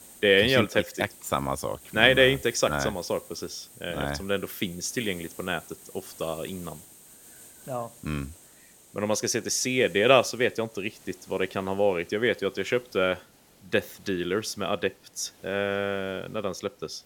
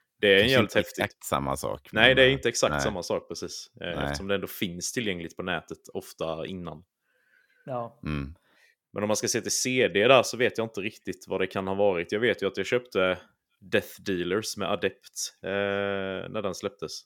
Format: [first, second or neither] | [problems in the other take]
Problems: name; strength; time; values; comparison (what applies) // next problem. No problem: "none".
second | hiss; faint; throughout; 20 dB below the speech